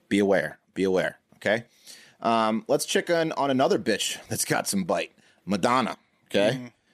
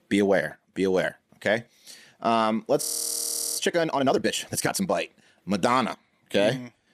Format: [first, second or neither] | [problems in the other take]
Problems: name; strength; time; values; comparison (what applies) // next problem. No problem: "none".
first | audio freezing; at 3 s for 1 s